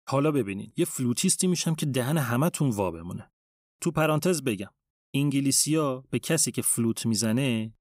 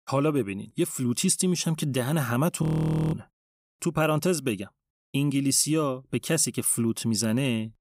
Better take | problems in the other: first | audio freezing; at 2.5 s for 0.5 s

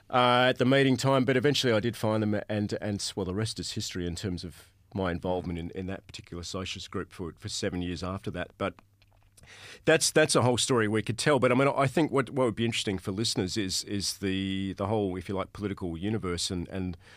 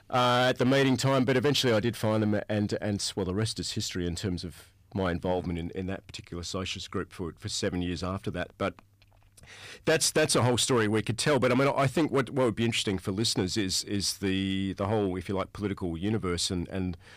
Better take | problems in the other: first | distortion; slight; 5% of the sound clipped

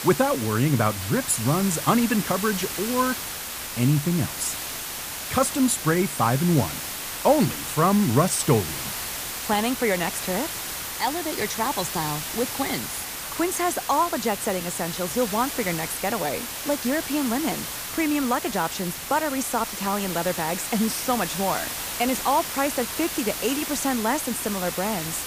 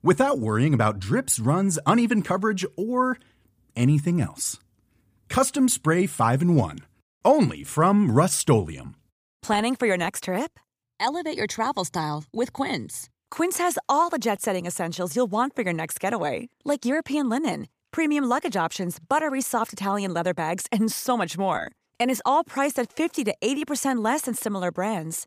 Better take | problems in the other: second | hiss; loud; throughout; 5 dB below the speech

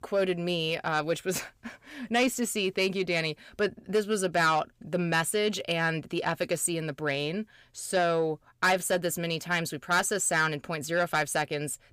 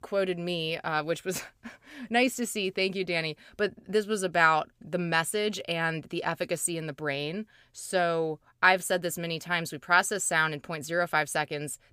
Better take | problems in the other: second | distortion; slight; 10 dB below the speech

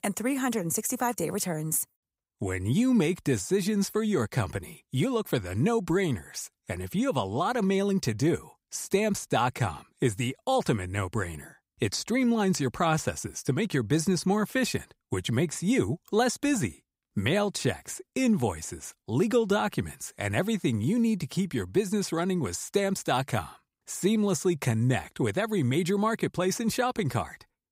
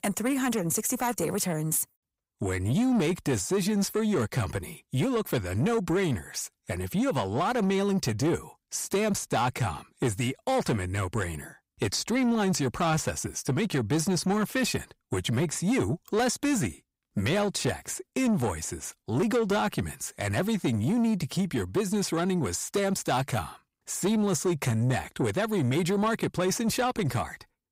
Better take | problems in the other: first | distortion; slight; 10 dB below the speech

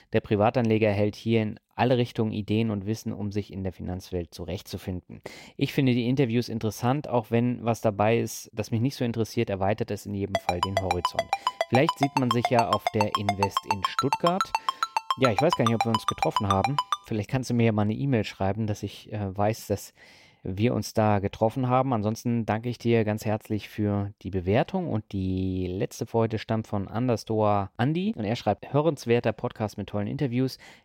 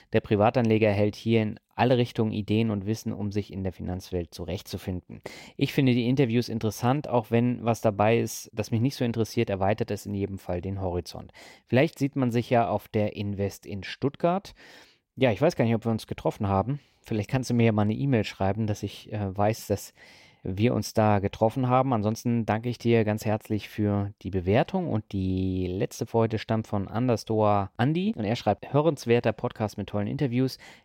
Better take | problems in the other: second | phone ringing; noticeable; from 10 to 17 s; peak level with the speech

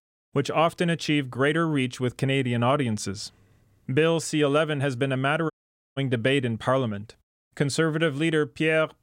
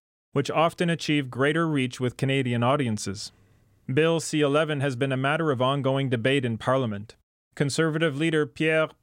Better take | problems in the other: second | audio cutting out; at 5.5 s

